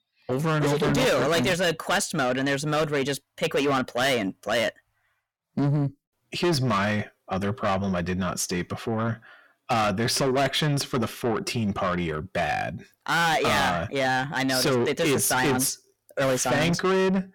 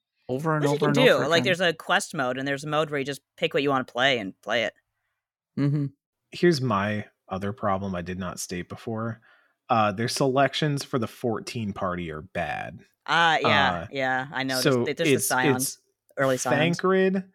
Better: second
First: distortion; heavy; 6 dB below the speech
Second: none

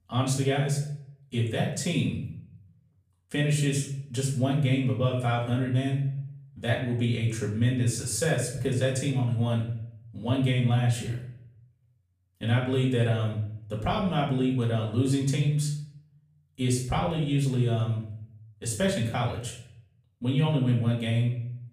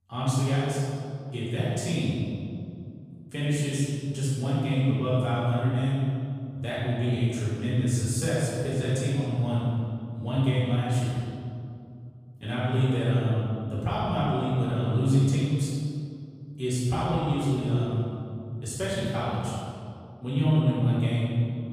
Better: first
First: room echo; slight; dies away in 0.6 s // off-mic speech; far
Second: room echo; strong; dies away in 2.2 s // off-mic speech; far

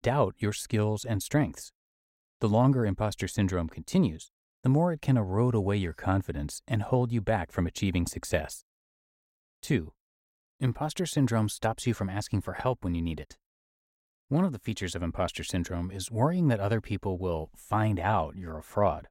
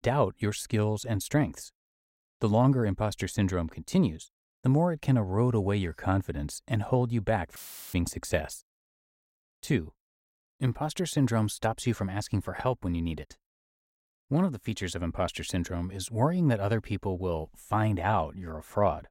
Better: first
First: none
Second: audio cutting out; filled with static; at 7.5 s

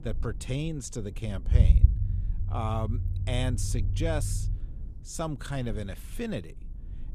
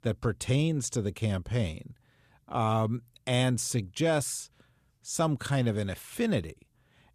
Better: second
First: low rumble; loud; throughout; 9 dB below the speech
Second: none

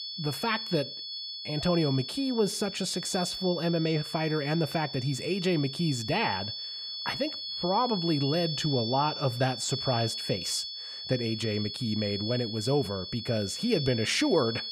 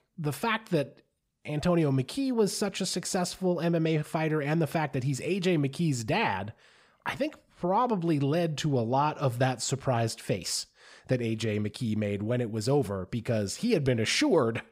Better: second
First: high-pitched whine; loud; throughout; 4.5 kHz, 5 dB below the speech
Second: none

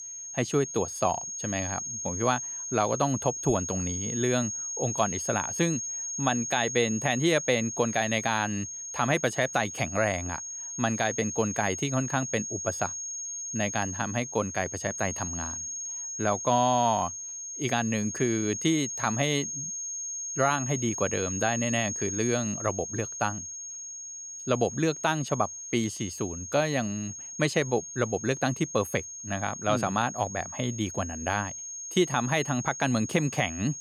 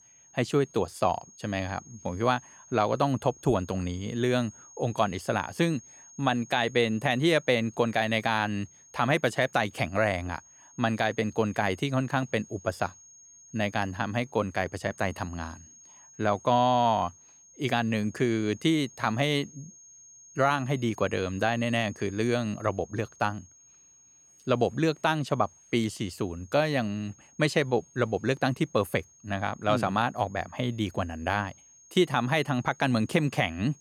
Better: second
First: high-pitched whine; loud; throughout; 6.5 kHz, 5 dB below the speech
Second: high-pitched whine; faint; throughout; 6.5 kHz, 25 dB below the speech

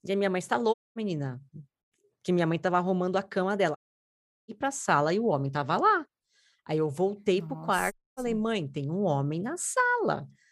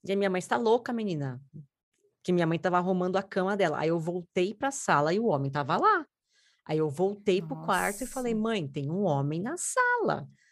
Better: second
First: audio cutting out; at 0.5 s, at 4 s for 0.5 s and at 8 s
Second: none

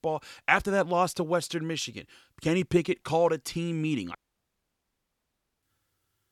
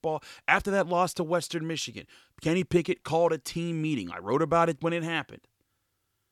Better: second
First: audio cutting out; at 4 s for 1.5 s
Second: none

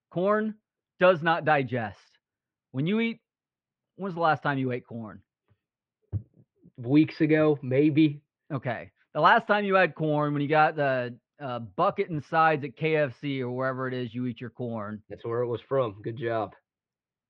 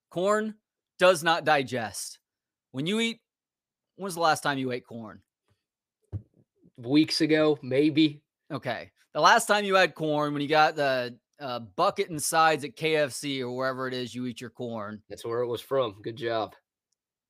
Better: second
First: muffled; very; fading above 3 kHz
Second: none

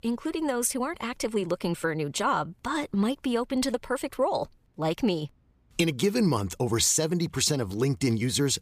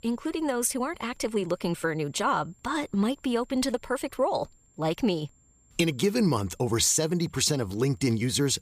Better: first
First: none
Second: high-pitched whine; faint; throughout; 7.5 kHz, 35 dB below the speech

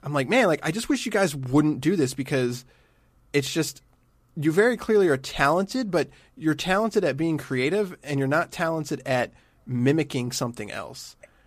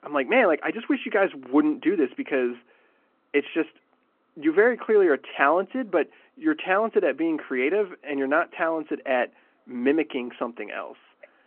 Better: first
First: none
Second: phone-call audio

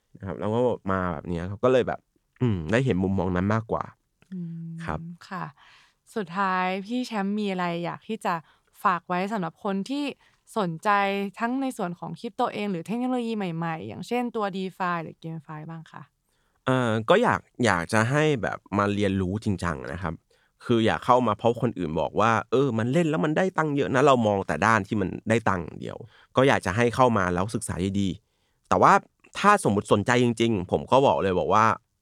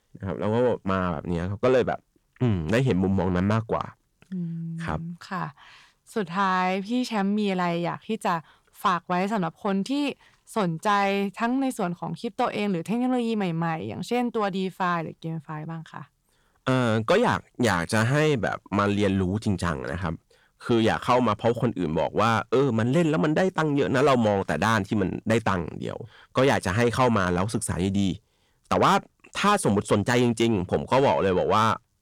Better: first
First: none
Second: distortion; slight; 10 dB below the speech

